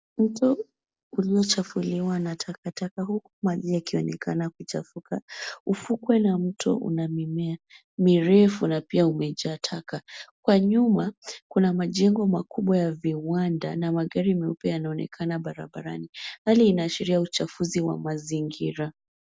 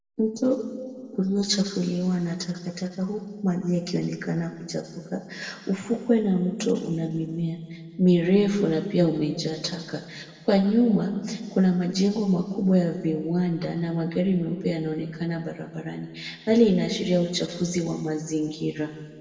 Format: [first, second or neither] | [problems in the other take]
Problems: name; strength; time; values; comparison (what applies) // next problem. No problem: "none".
first | room echo; dies away in 1.7 s